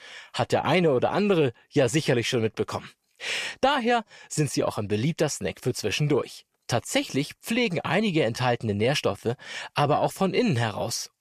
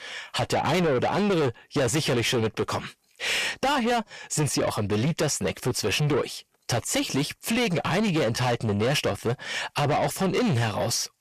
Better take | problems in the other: first | distortion; heavy; 7 dB below the speech

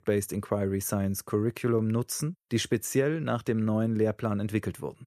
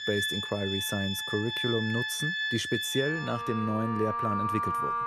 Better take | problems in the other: first | background music; very loud; throughout; 1 dB above the speech

